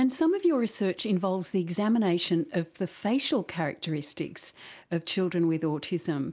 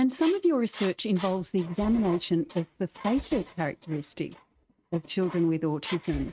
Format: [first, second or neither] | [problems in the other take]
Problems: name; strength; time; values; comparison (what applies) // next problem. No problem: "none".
first | noise reduction (neural mask model RNNoise)